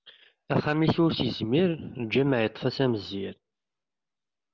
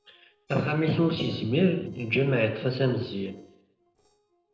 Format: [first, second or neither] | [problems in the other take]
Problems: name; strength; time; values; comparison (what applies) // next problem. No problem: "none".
first | noise reduction (neural separator model SepFormer DNS4)